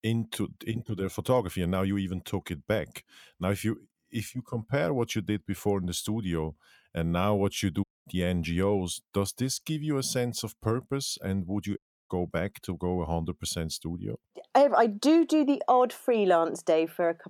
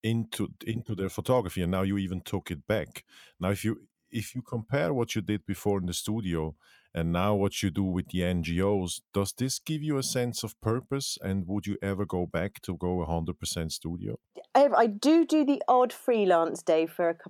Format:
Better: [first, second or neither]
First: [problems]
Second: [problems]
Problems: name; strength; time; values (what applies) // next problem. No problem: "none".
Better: second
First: audio cutting out; at 8 s and at 12 s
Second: none